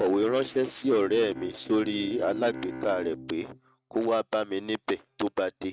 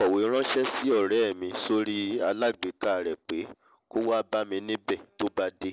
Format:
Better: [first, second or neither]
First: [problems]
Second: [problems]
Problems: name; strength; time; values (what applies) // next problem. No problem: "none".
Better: second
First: noise reduction (neural mask model RNNoise)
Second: none